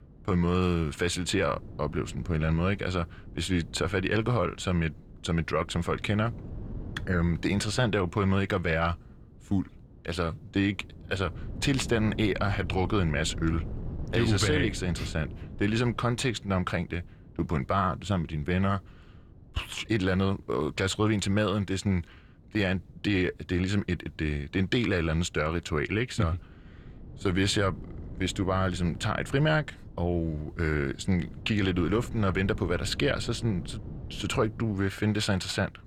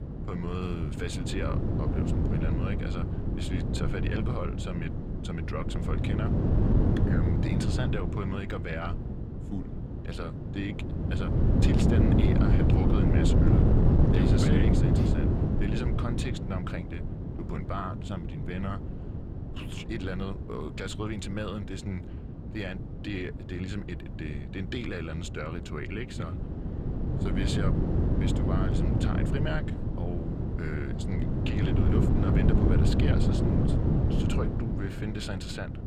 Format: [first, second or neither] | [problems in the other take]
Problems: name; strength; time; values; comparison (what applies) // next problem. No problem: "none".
first | wind noise on the microphone; heavy; 2 dB above the speech; occasional gusts in the first